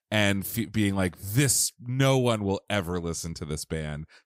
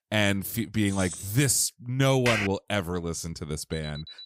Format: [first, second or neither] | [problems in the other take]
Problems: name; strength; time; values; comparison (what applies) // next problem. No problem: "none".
first | jangling keys; noticeable; at 1 s; peak 9 dB below the speech // keyboard typing; noticeable; at 2.5 s; peak 1 dB below the speech // alarm; faint; at 3.5 s; peak 15 dB below the speech